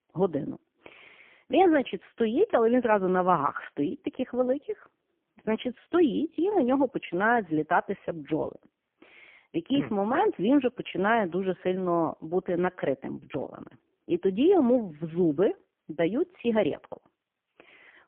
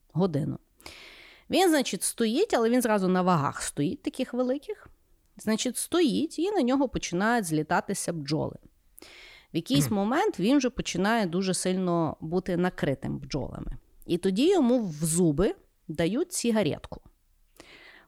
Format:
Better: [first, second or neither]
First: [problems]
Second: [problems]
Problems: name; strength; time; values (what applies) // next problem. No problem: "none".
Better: second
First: phone-call audio; poor line; nothing above 3.5 kHz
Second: none